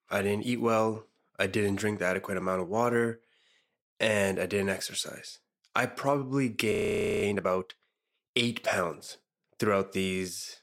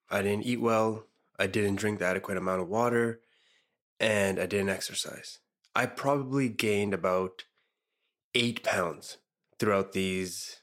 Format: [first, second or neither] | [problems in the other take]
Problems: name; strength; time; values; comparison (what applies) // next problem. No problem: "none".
second | audio freezing; at 6.5 s for 0.5 s